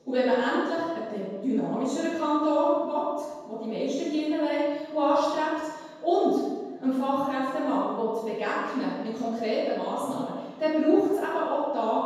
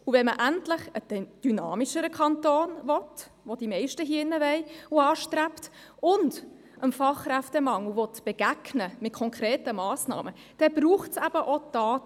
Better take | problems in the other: second | room echo; dies away in 1.2 s

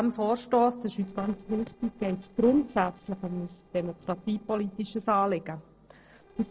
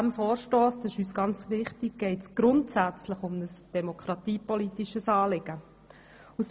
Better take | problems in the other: second | noise reduction (neural separator model SepFormer DNS4)

